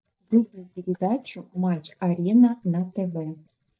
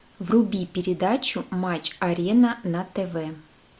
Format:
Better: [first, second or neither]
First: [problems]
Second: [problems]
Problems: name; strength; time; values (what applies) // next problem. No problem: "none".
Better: second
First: noise reduction (neural mask model DeepFilterNet 3)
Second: none